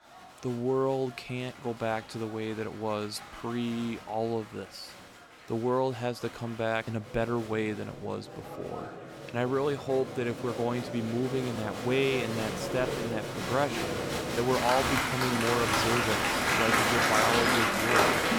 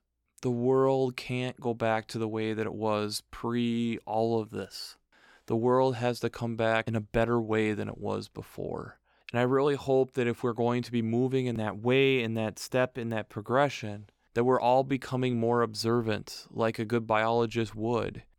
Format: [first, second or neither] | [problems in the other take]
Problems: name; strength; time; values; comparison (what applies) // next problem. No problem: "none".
second | crowd noise; very loud; throughout; 3 dB above the speech